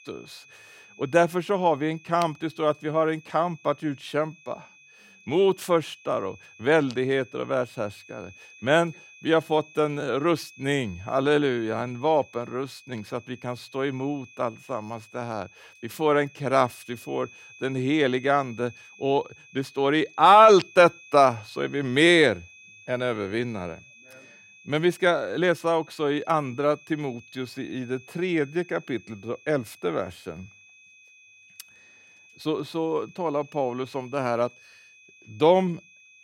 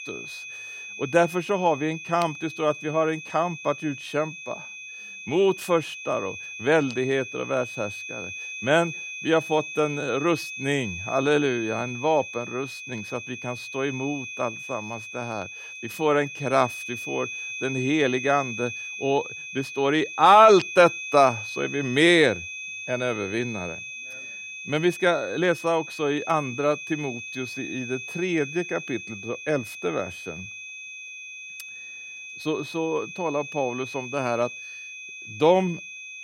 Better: first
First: high-pitched whine; faint; throughout; 2.5 kHz, 25 dB below the speech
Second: high-pitched whine; loud; throughout; 2.5 kHz, 10 dB below the speech

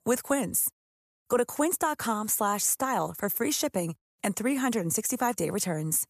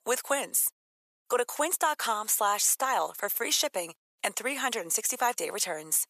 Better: first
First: none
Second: thin; very; fading below 600 Hz

